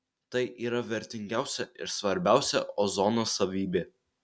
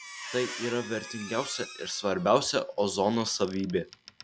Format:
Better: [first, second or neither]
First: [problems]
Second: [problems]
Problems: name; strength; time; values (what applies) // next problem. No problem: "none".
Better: first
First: none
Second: background sound (Squeak); 14 dB below the speech